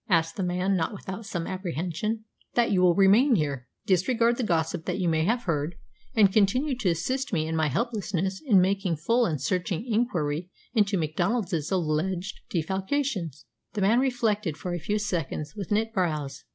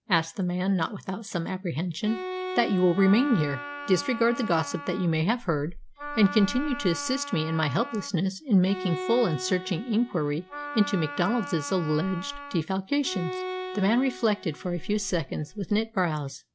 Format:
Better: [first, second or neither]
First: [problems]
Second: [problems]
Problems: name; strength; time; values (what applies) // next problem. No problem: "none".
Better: first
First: none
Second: background sound (Wind instrument, woodwind instrument + Bowed string instrument); 11 dB below the speech